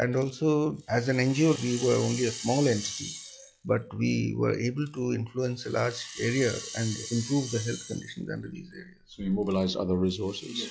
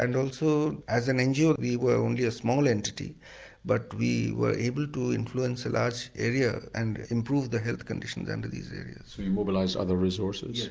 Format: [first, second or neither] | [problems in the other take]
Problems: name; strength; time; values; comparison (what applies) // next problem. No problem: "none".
second | noise reduction (classical method log-MMSE)